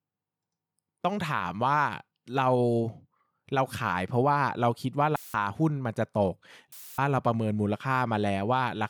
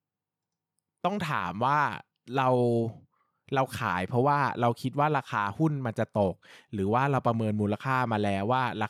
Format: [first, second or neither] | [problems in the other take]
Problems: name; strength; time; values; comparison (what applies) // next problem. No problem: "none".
second | audio cutting out; filled with static; at 5 s and at 6.5 s